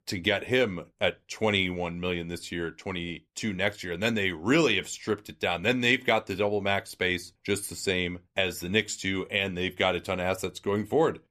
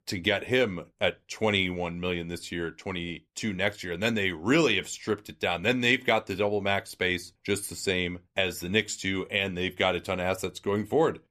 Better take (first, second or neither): neither